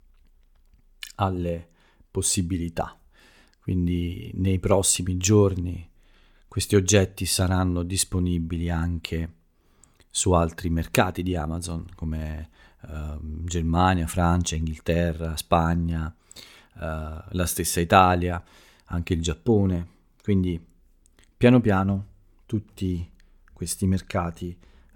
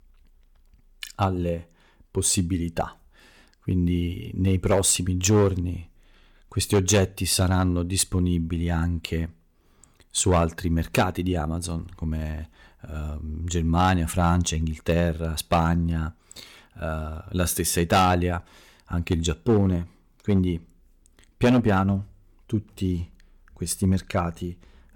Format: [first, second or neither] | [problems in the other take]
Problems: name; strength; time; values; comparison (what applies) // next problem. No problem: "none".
first | distortion; slight; 2% of the sound clipped